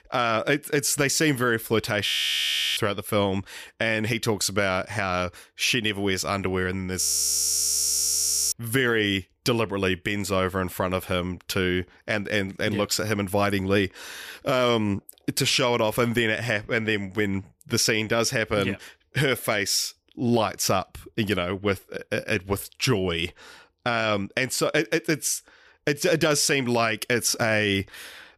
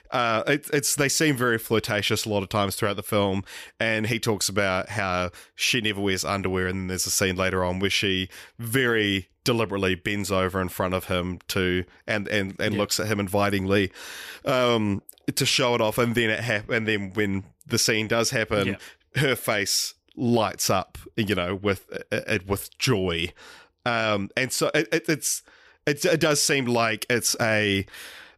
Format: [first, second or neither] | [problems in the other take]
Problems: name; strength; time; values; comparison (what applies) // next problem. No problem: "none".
second | audio freezing; at 2 s for 0.5 s and at 7 s for 1.5 s